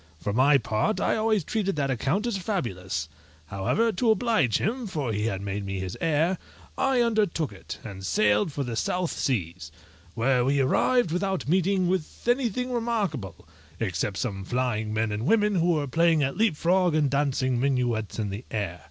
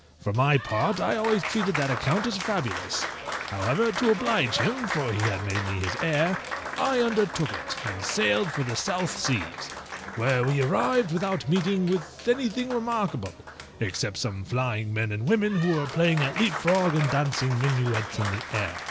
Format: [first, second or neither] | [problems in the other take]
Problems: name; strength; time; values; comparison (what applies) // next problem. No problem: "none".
first | background sound (Applause); 8 dB below the speech